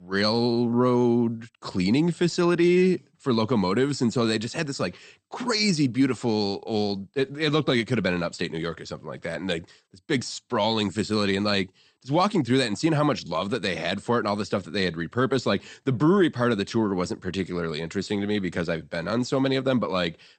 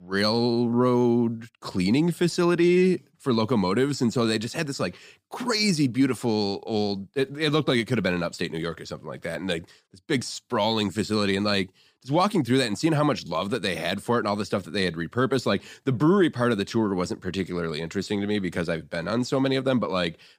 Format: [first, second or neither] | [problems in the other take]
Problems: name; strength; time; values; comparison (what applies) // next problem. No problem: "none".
second | garbled, watery; slightly; nothing above 8.5 kHz